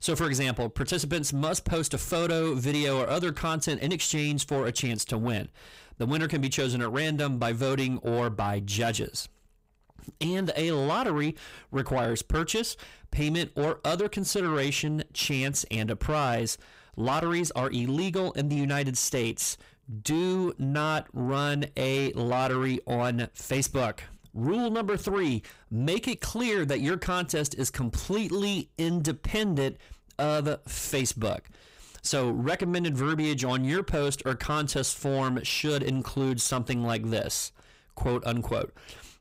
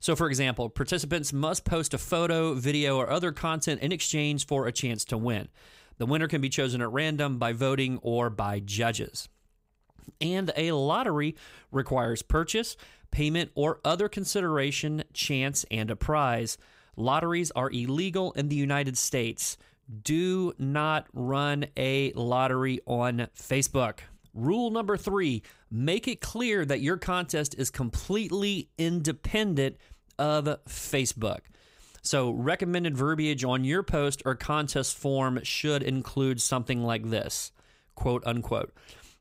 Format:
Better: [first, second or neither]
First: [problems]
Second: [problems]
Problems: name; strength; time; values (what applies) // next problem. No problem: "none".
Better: second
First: distortion; slight; 10 dB below the speech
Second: none